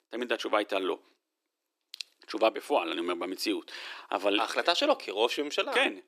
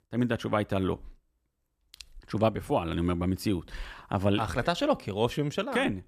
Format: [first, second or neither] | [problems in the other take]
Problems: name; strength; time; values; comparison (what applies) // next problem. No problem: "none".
second | thin; somewhat; fading below 300 Hz